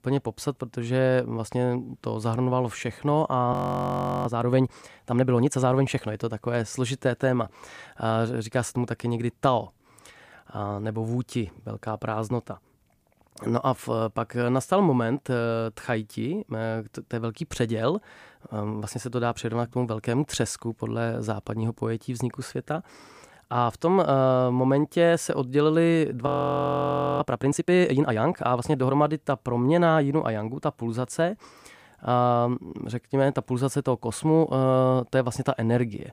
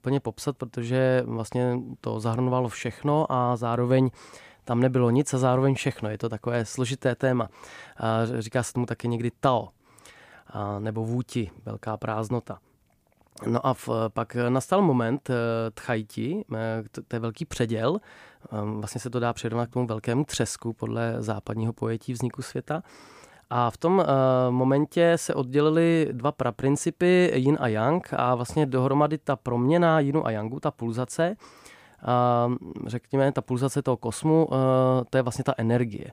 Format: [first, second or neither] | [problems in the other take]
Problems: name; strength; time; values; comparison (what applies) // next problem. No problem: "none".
second | audio freezing; at 3.5 s for 0.5 s and at 26 s for 1 s